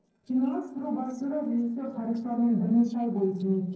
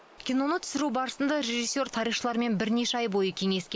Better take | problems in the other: second | noise reduction (neural separator model SepFormer DNS4)

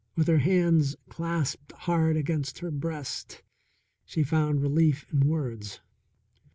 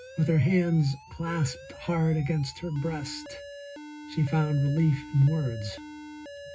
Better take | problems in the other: first | background sound (Alarm); 16 dB below the speech // room echo; dies away in 0.4 s

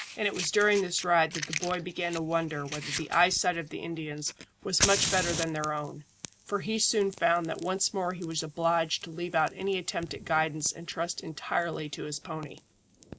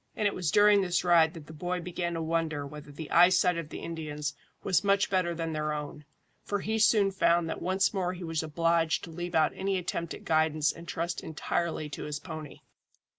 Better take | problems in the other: second | background sound (Fire); 9 dB below the speech

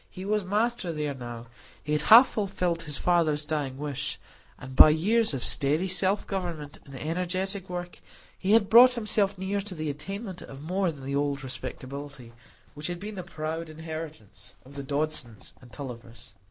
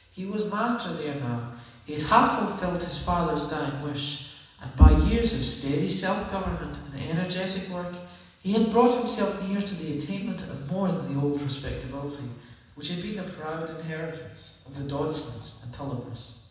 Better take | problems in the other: first | room echo; dies away in 1.1 s

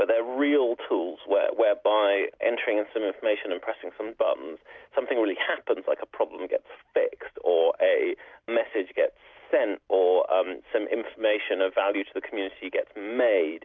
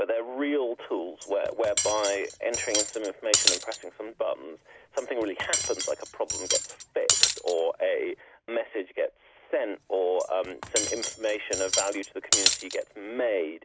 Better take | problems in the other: first | background sound (Cutlery, silverware); as loud as the speech

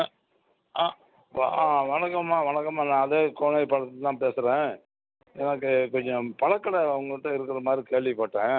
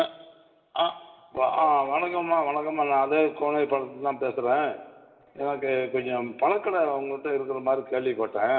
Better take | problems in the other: first | room echo; dies away in 1.3 s

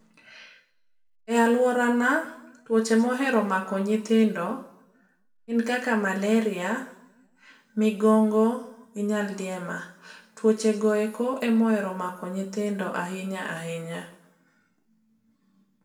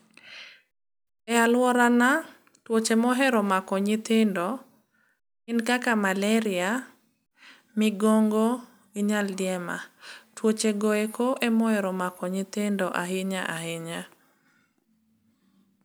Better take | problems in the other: second | room echo; dies away in 0.6 s

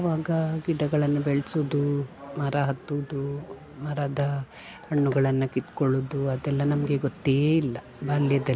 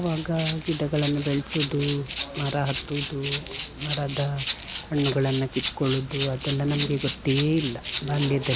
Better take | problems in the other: first | background sound (Rattle (instrument)); 8 dB below the speech

